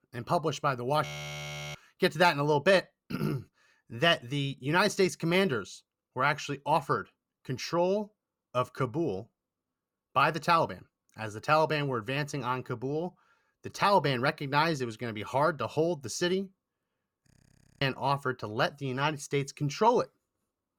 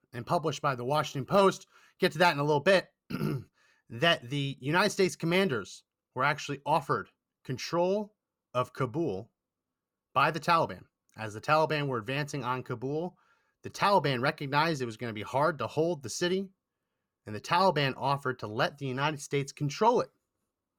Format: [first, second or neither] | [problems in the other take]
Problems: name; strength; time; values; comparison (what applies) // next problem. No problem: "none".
second | audio freezing; at 1 s for 0.5 s and at 17 s for 0.5 s